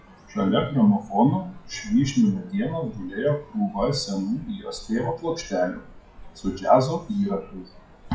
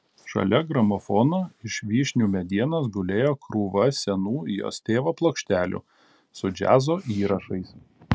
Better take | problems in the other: second | noise reduction (classical method WPE with log-MMSE)

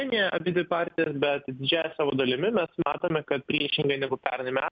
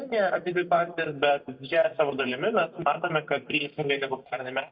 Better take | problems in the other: first | noise reduction (neural mask model DeepFilterNet 3)

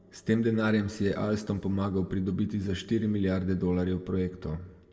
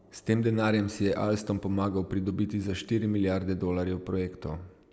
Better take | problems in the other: second | room echo; dies away in 1 s

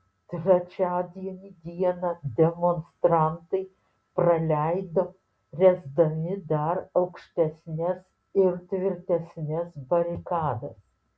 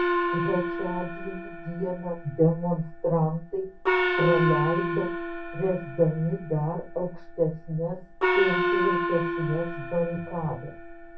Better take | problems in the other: first | background sound (Gong); 1 dB below the speech // room echo; dies away in 0.3 s

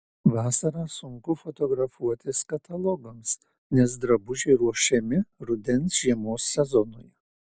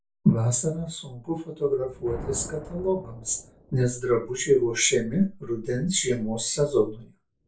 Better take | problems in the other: first | background sound (Thunder); 20 dB below the speech // room echo; dies away in 0.3 s

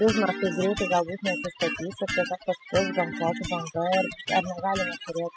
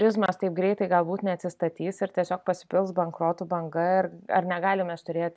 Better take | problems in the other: second | noise reduction (classical method spectral subtraction)

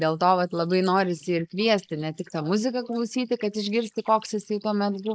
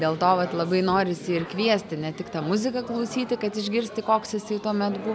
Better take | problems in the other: second | noise reduction (neural mask model Resemble Enhance denoiser)

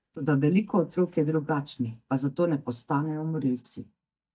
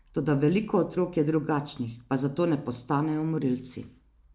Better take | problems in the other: second | noise reduction (neural mask model DeepFilterNet 3)

